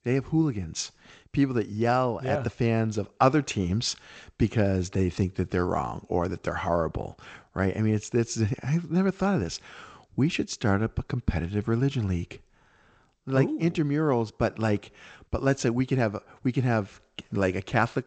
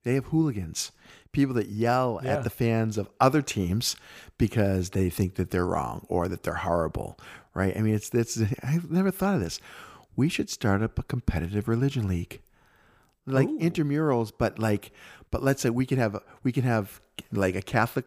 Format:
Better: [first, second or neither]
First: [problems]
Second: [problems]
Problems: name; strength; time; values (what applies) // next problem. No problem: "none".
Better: second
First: garbled, watery; slightly; nothing above 7.5 kHz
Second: none